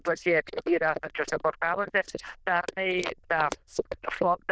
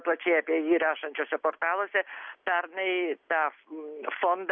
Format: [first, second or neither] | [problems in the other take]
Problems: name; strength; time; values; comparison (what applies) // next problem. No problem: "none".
second | noise reduction (neural diffusion model UNIVERSE++)